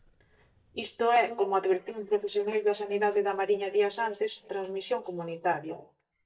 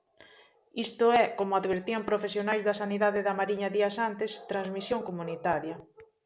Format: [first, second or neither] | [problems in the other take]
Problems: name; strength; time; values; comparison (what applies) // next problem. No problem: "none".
second | noise reduction (neural mask model DeepFilterNet 3)